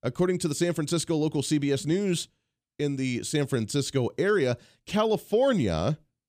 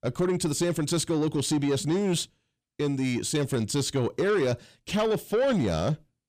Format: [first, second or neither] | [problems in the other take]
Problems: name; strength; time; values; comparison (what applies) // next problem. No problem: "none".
first | distortion; slight; 10 dB below the speech